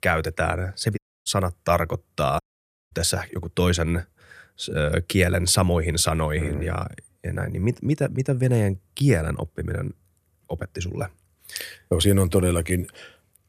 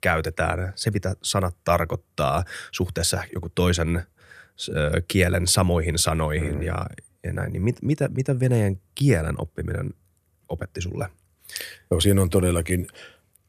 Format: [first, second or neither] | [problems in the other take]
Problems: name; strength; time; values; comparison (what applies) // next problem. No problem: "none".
second | audio cutting out; at 1 s and at 2.5 s for 0.5 s